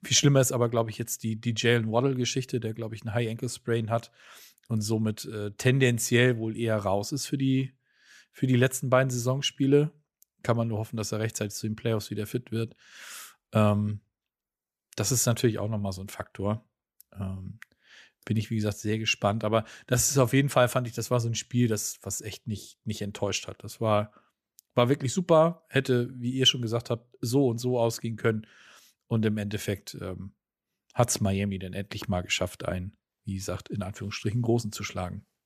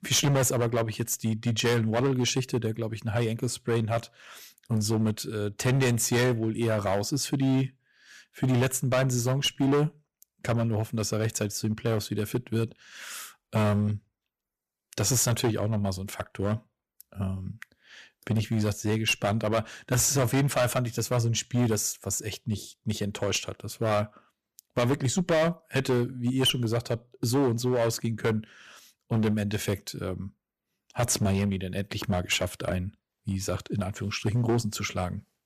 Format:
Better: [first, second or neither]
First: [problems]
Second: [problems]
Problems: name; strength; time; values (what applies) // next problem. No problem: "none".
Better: first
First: none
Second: distortion; heavy; 8% of the sound clipped